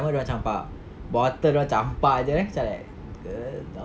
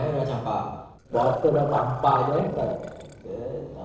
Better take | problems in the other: first | noise reduction (neural separator model SepFormer DNS4)

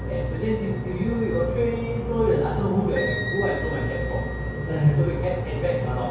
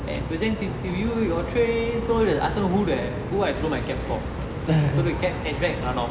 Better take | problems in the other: second | background sound (Wind instrument, woodwind instrument); 15 dB below the speech // room echo; dies away in 0.6 s

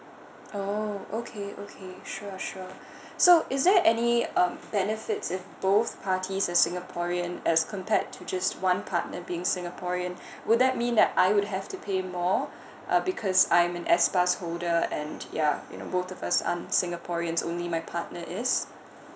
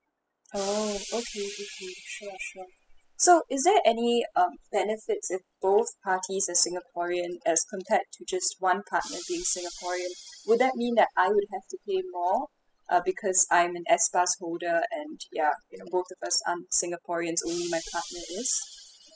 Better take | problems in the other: first | noise reduction (classical method spectral subtraction)

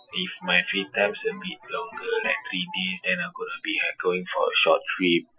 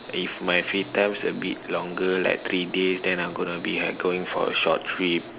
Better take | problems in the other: second | noise reduction (classical method Wiener filter)

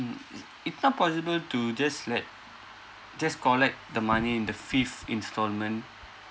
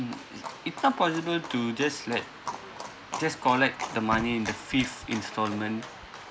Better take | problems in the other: first | background sound (Livestock, farm animals, working animals); 12 dB below the speech

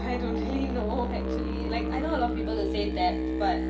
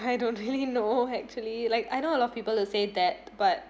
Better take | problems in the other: second | background sound (Musical instrument); 2 dB above the speech // room echo; dies away in 0.2 s

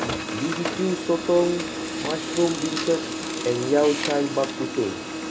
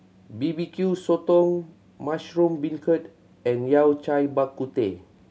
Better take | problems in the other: second | background sound (Printer); 4 dB below the speech

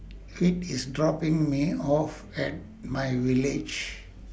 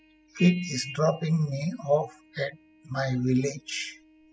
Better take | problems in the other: first | noise reduction (classical method spectral subtraction)

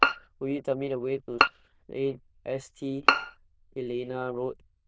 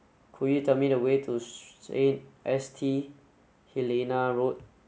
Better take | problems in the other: second | noise reduction (neural diffusion model UNIVERSE++)

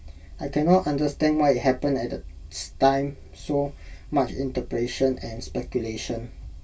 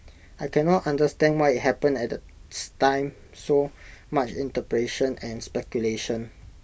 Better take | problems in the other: second | room echo; dies away in 0.1 s

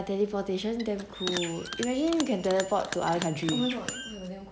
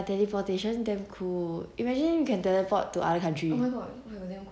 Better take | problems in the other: second | background sound (Bird + Bell); 9 dB below the speech

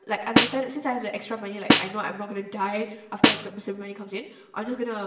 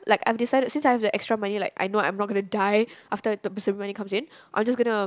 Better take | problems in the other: second | background sound (Snare drum); 4 dB above the speech // room echo; dies away in 0.8 s

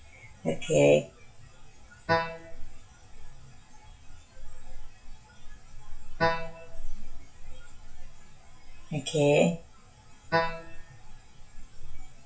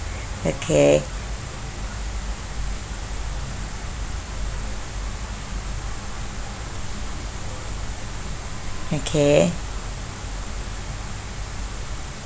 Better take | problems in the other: second | noise reduction (classical method WPE with log-MMSE)

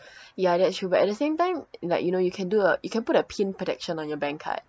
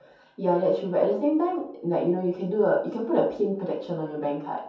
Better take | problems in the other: first | room echo; dies away in 0.6 s

